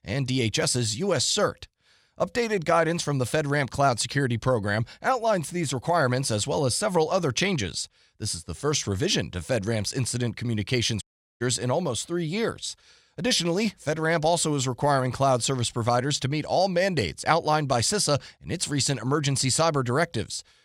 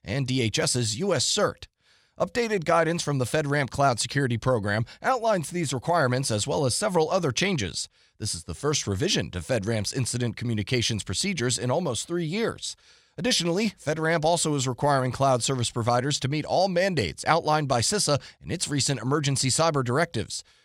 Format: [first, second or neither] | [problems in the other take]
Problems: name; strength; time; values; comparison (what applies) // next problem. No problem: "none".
second | audio cutting out; at 11 s